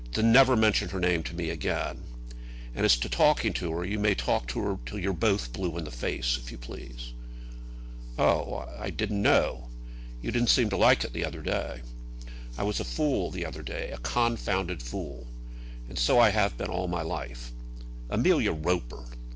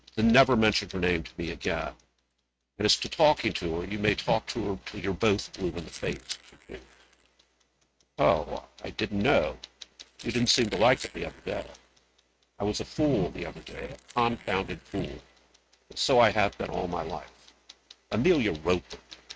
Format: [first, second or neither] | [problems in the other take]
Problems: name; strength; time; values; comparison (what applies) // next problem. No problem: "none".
first | noise reduction (neural mask model RNNoise)